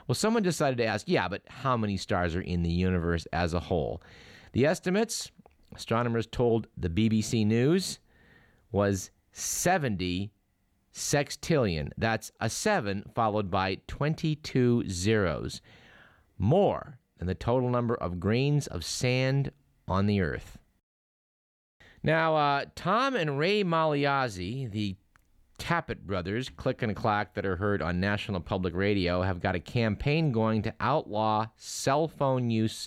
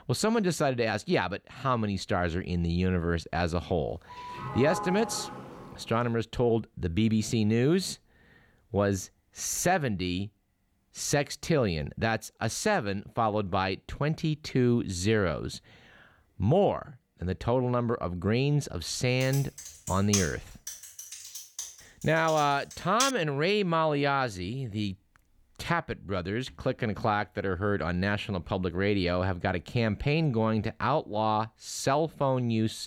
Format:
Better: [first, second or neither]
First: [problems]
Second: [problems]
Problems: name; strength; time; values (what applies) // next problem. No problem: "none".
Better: first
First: none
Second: doorbell; noticeable; from 4 to 6 s; peak 5 dB below the speech // keyboard typing; noticeable; from 19 to 23 s; peak 1 dB below the speech